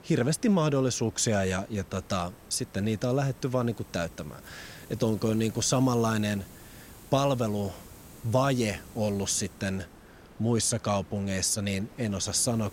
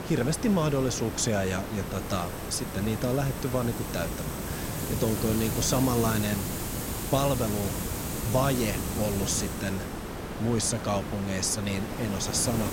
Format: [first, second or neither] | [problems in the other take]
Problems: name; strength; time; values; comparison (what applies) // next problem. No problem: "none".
first | hiss; loud; throughout; 4 dB below the speech; faint in the first